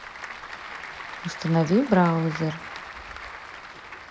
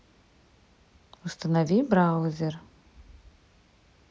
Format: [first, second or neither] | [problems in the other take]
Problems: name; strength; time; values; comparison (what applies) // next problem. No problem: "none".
second | background sound (Applause / Crowd); 11 dB below the speech